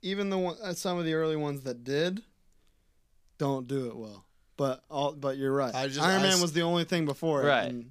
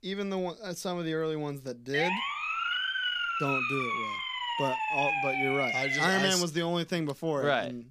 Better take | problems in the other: first | siren; loud; from 2 to 6.5 s; peak 4 dB above the speech

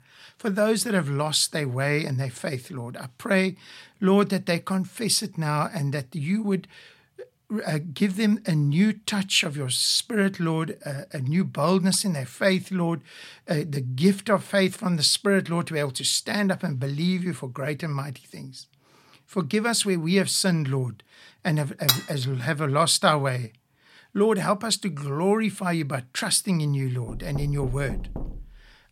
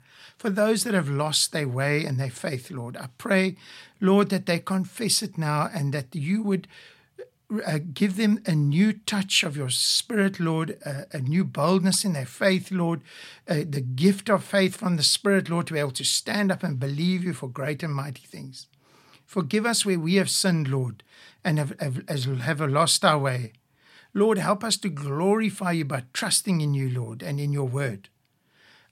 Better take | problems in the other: second | clattering dishes; loud; at 22 s; peak 2 dB above the speech // door banging; faint; from 27 s on; peak 10 dB below the speech

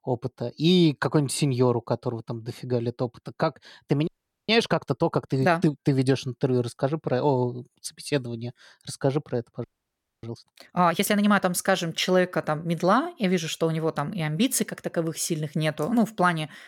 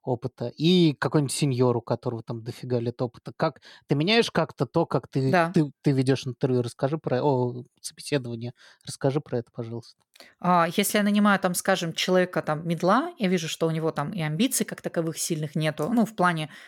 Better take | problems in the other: second | audio freezing; at 4 s and at 9.5 s for 0.5 s

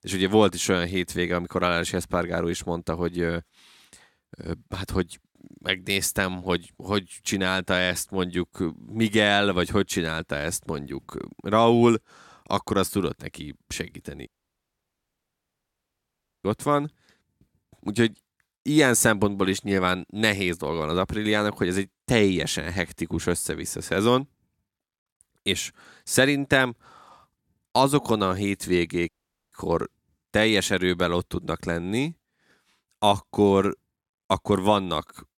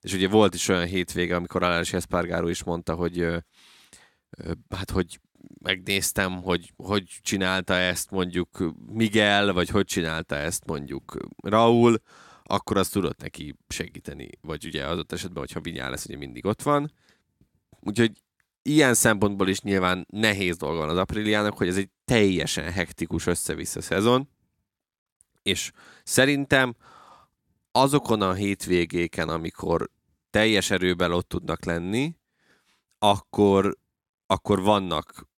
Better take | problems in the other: second | audio cutting out; at 14 s for 2 s and at 29 s

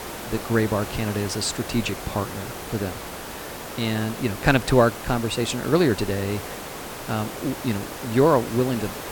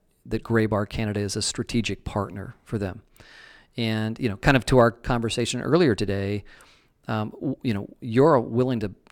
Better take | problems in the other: second | hiss; loud; throughout; 9 dB below the speech

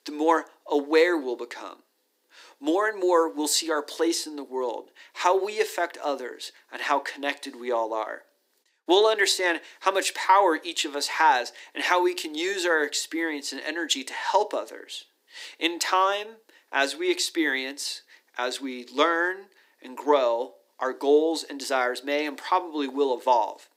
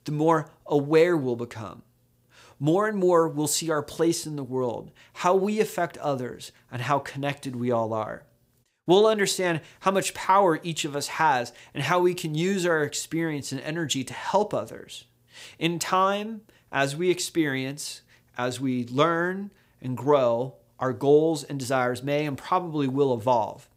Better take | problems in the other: second | thin; somewhat; fading below 300 Hz

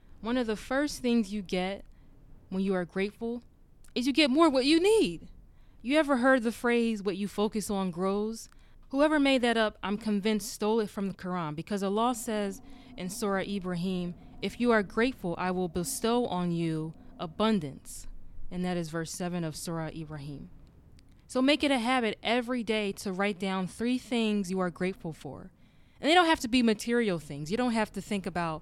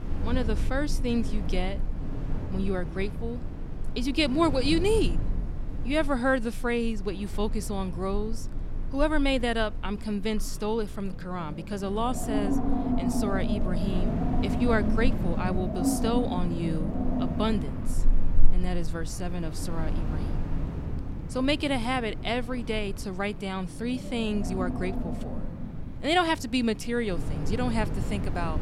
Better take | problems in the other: first | wind in the background; loud; throughout; 3 dB below the speech; faint in the first

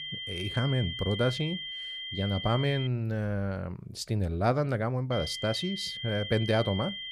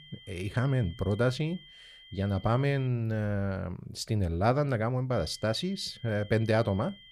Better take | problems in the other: second | high-pitched whine; loud; until 3 s and from 5 s on; 3 kHz, 6 dB below the speech; faint in the second

